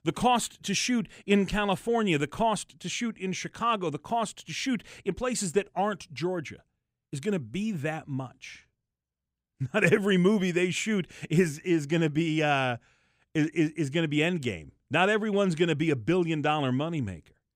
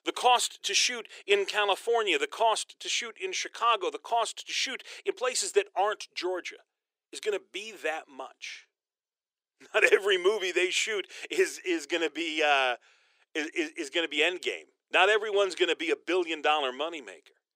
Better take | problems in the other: first | thin; very; fading below 400 Hz

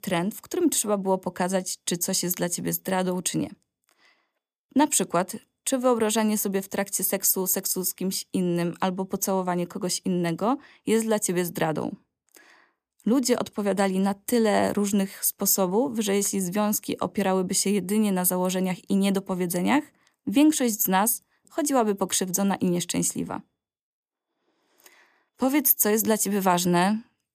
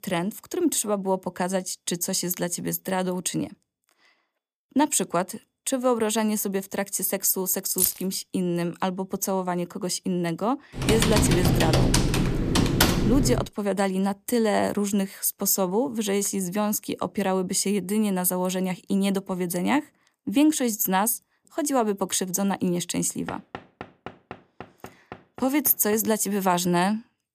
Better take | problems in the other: first | jangling keys; loud; at 8 s; peak 1 dB above the speech // keyboard typing; loud; from 11 to 13 s; peak 5 dB above the speech // door banging; faint; from 23 to 26 s; peak 15 dB below the speech

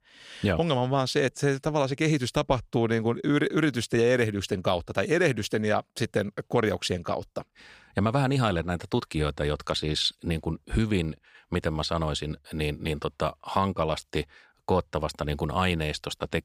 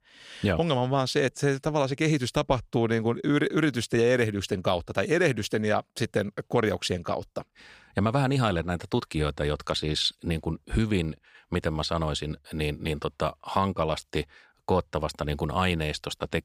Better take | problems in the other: neither | none

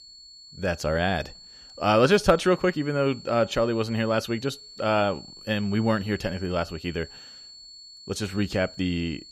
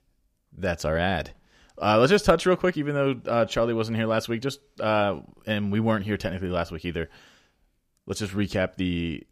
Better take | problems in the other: second | high-pitched whine; noticeable; throughout; 4.5 kHz, 20 dB below the speech

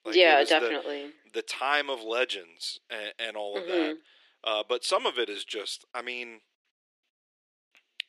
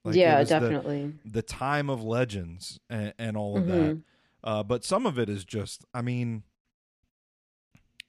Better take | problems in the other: second | thin; very; fading below 350 Hz

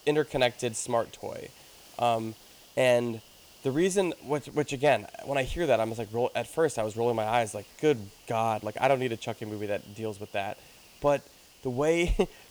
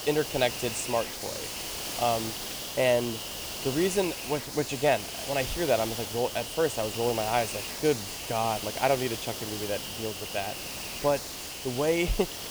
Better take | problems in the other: first | hiss; loud; throughout; 5 dB below the speech; faint in the first

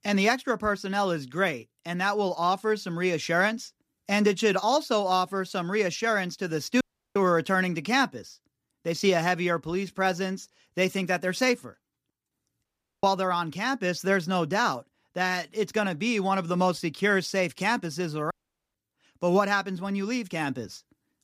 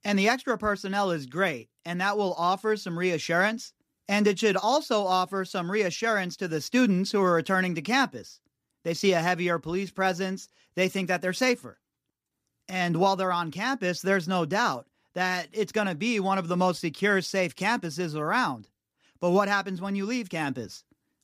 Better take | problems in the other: second | audio cutting out; at 7 s, at 13 s and at 18 s

